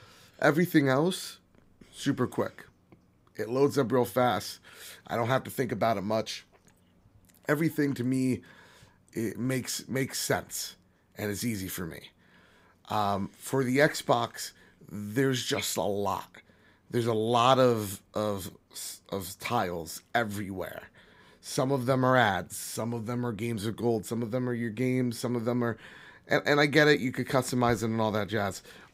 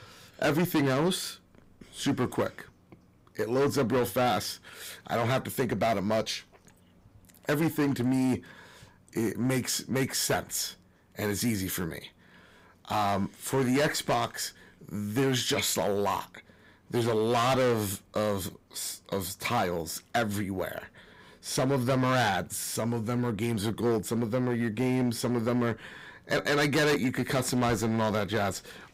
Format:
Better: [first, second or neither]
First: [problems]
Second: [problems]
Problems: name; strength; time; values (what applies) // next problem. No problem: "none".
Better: first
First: none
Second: distortion; heavy; 9% of the sound clipped